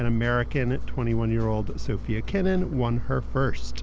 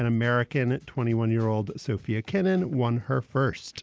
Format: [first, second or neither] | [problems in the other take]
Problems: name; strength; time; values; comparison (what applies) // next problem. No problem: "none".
second | background sound (Engine); 2 dB below the speech